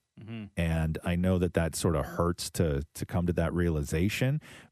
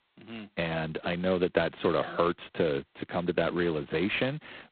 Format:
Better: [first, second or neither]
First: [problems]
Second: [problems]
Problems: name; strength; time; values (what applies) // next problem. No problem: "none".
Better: first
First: none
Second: phone-call audio; poor line; nothing above 4 kHz